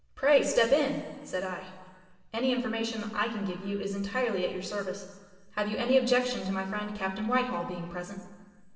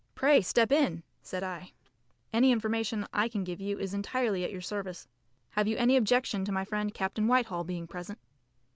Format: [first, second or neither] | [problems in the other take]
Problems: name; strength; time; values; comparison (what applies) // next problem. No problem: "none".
second | room echo; dies away in 1.4 s